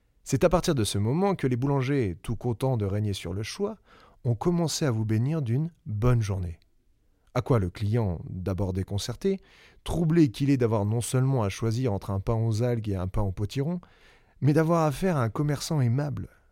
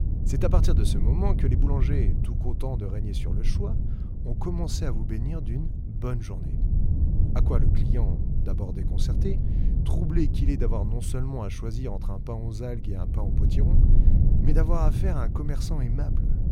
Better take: first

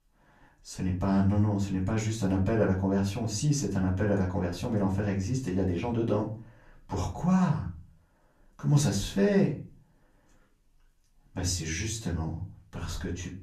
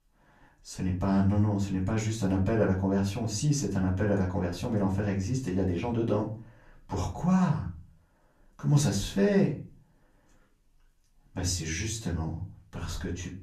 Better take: neither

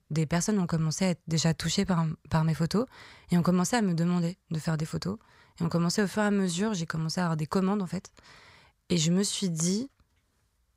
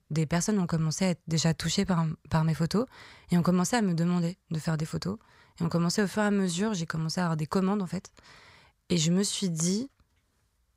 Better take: neither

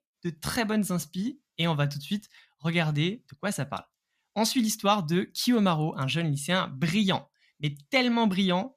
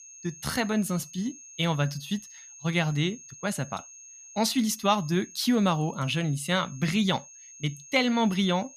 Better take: first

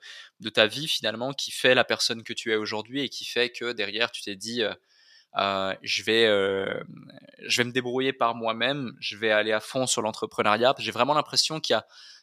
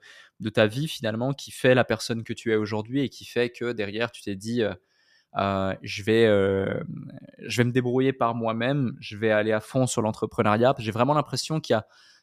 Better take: second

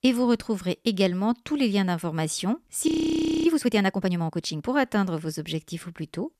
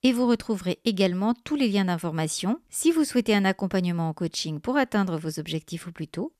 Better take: second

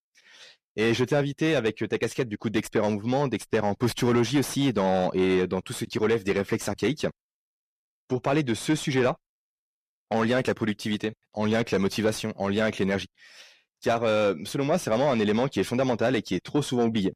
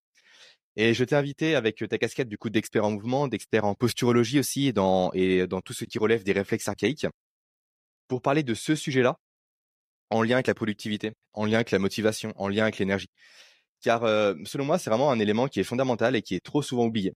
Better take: second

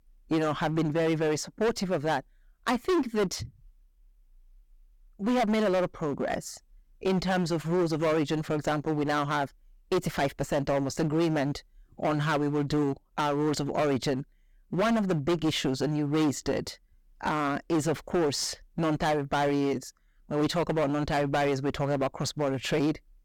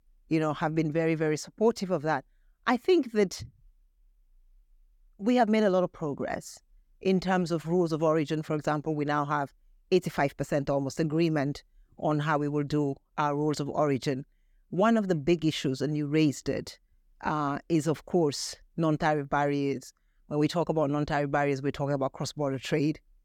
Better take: second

